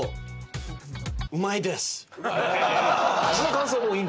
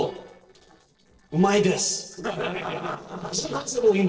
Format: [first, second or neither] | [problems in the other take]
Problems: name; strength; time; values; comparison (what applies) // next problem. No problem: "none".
first | noise reduction (neural separator model SepFormer DNS4)